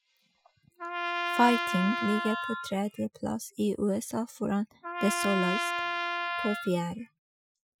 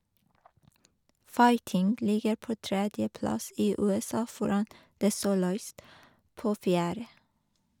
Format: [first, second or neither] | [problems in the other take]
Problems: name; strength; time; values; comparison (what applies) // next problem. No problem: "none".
second | noise reduction (classical method Wiener filter)